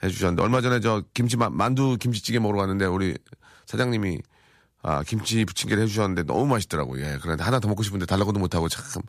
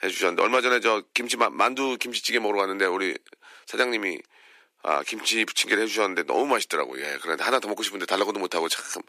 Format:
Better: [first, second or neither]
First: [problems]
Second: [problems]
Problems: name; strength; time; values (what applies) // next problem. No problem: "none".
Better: first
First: none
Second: thin; very; fading below 300 Hz